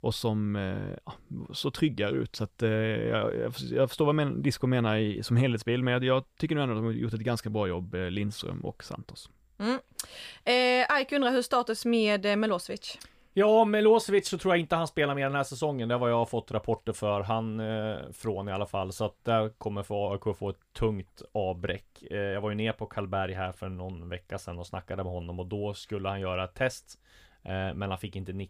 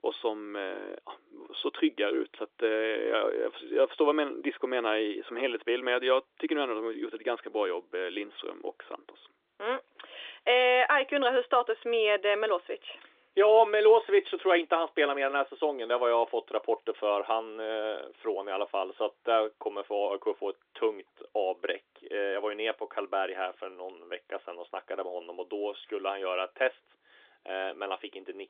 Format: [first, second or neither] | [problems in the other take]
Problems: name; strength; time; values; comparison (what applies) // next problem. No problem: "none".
first | phone-call audio; nothing above 3.5 kHz